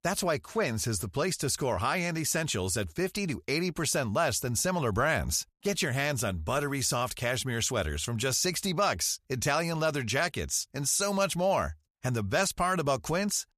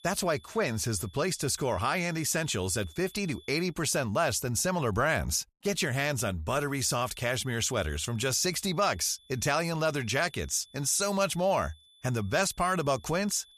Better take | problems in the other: first | high-pitched whine; faint; until 3.5 s and from 7 s on; 3.5 kHz, 25 dB below the speech

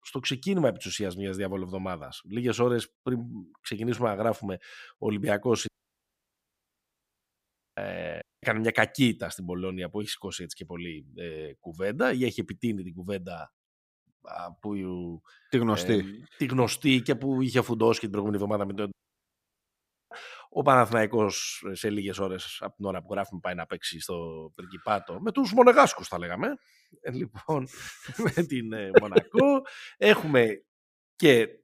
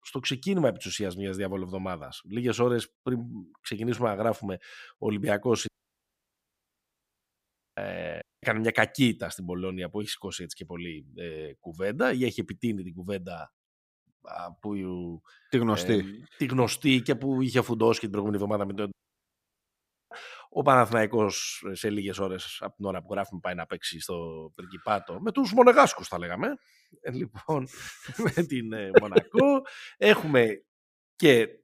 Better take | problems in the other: neither | audio cutting out; at 5.5 s for 2 s, at 8 s and at 19 s for 1 s; the same in both

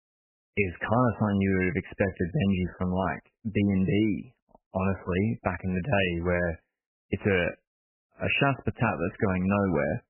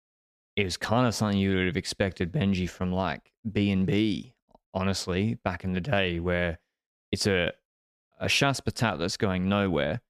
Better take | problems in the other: second | garbled, watery; badly; nothing above 3 kHz

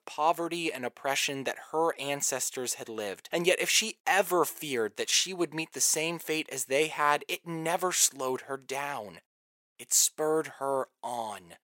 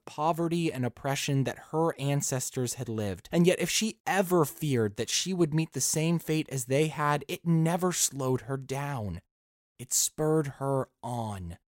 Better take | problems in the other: second | thin; very; fading below 450 Hz

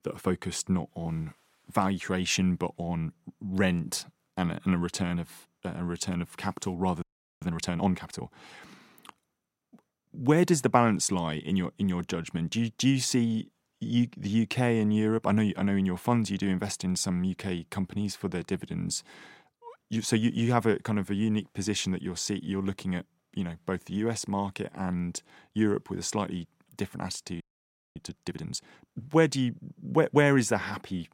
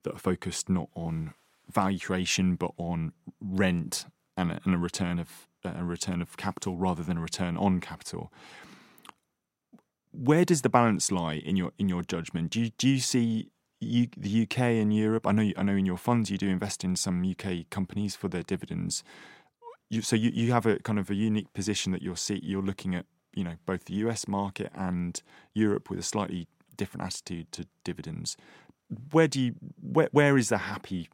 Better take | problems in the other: second | audio freezing; at 7 s and at 27 s for 0.5 s

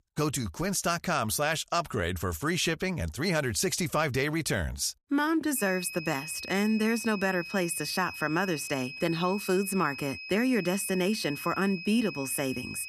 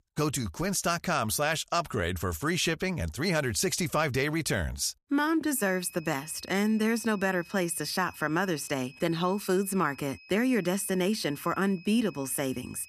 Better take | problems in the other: second | high-pitched whine; loud; from 5.5 s on; 2.5 kHz, 10 dB below the speech; faint in the second

